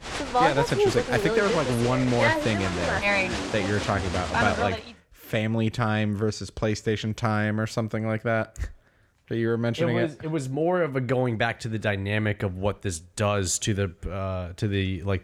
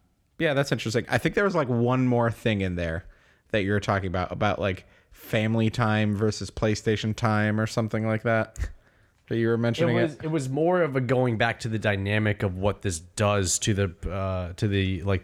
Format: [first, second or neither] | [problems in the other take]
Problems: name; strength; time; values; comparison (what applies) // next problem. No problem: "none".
second | crowd noise; very loud; until 4.5 s; 1 dB above the speech